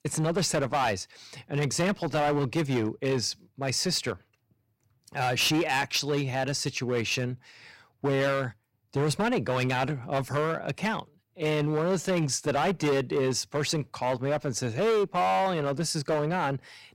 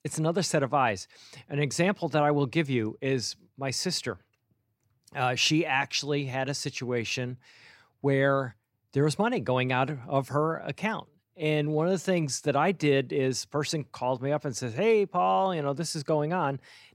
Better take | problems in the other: second | distortion; heavy; 11% of the sound clipped

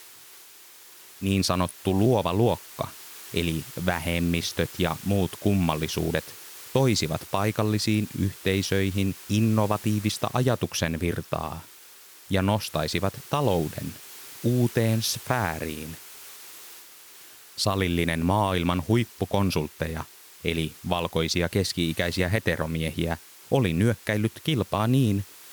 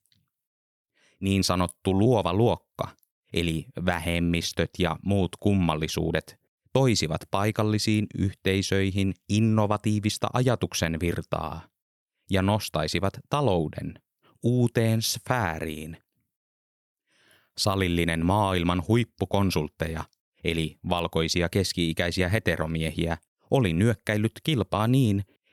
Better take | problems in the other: second | hiss; noticeable; throughout; 15 dB below the speech

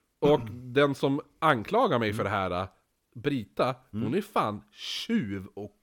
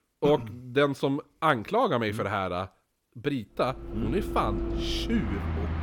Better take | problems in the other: first | traffic noise; loud; from 4 s on; 5 dB below the speech

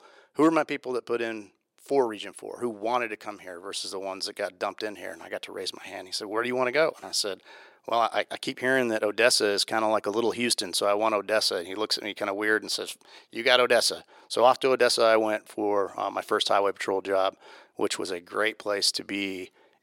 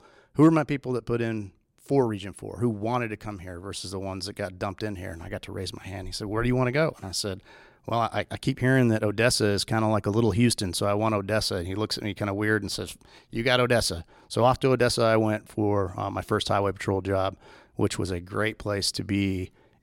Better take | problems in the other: second | thin; somewhat; fading below 450 Hz

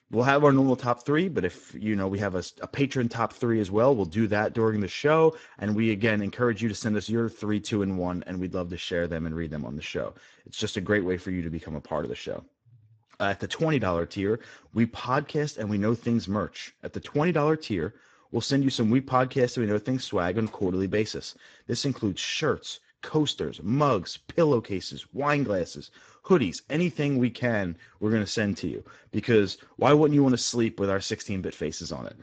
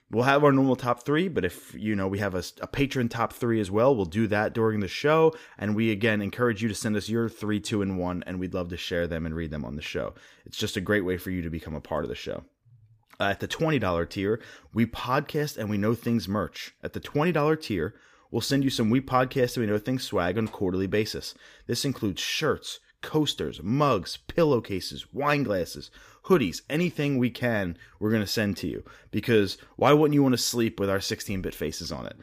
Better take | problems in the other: second | garbled, watery; badly; nothing above 7.5 kHz

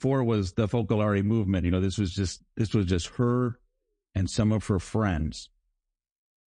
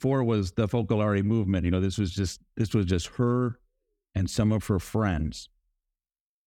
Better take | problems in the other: second | garbled, watery; slightly; nothing above 9 kHz

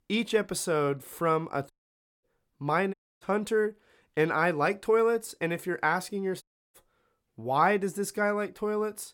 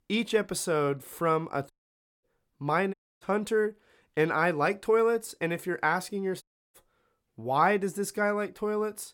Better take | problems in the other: neither | audio cutting out; at 1.5 s for 0.5 s, at 3 s and at 6.5 s; the same in both

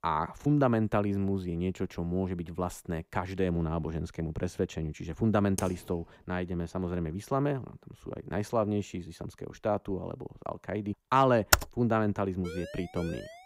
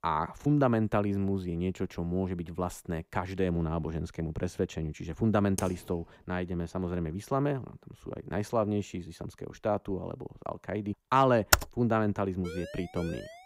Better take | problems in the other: neither | keyboard typing; noticeable; at 5.5 s; peak 8 dB below the speech; the same in both // keyboard typing; very faint; at 12 s; peak 6 dB above the speech; the same in both // siren; faint; from 12 s on; peak 10 dB below the speech; the same in both

